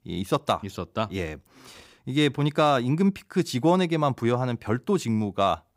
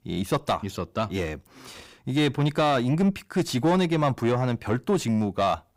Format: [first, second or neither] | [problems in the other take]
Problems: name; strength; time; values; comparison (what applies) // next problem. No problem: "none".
first | distortion; slight; 10 dB below the speech